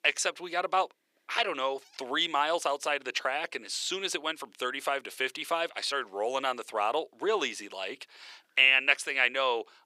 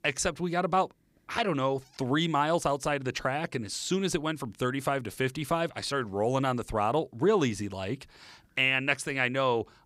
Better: second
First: thin; very; fading below 400 Hz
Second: none

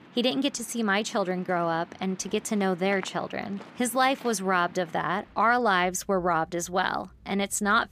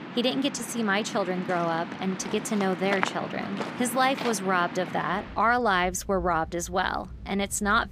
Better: first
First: rain or running water; faint; throughout; 25 dB below the speech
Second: rain or running water; loud; throughout; 10 dB below the speech

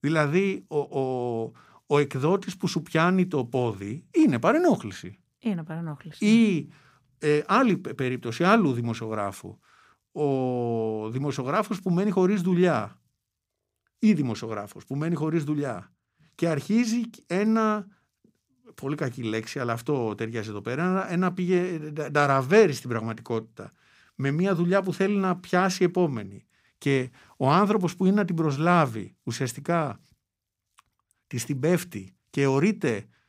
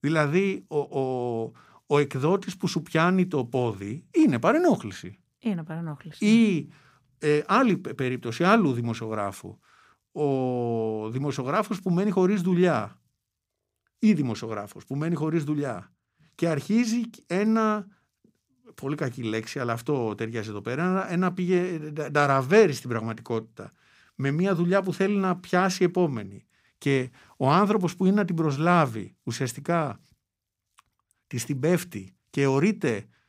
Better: neither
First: none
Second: none

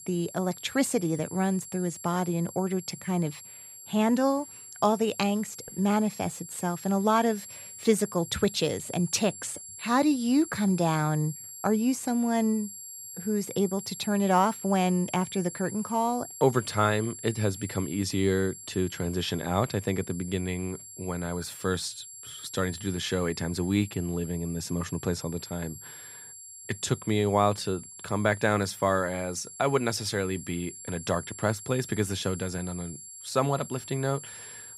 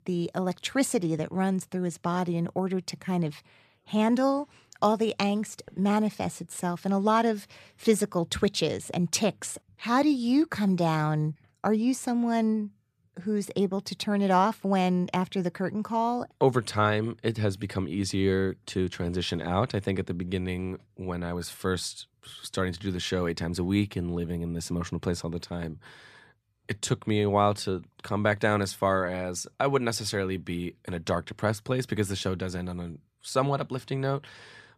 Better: second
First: high-pitched whine; noticeable; throughout; 7.5 kHz, 15 dB below the speech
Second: none

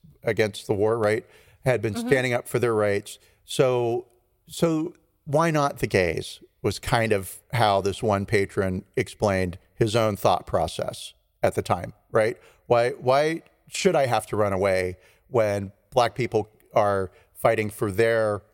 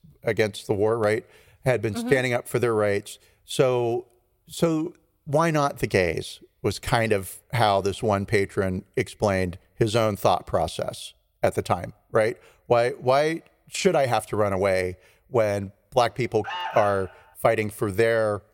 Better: first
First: none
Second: alarm; noticeable; at 16 s; peak 6 dB below the speech

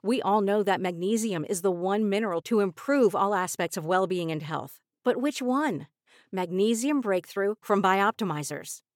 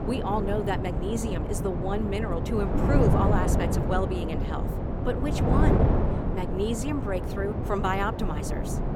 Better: first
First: none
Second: wind noise on the microphone; heavy; 2 dB below the speech

